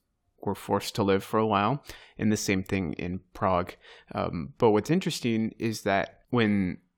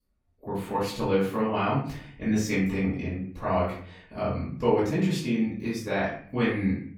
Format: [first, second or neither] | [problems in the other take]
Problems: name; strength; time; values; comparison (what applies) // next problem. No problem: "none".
first | off-mic speech; far // room echo; noticeable; dies away in 0.5 s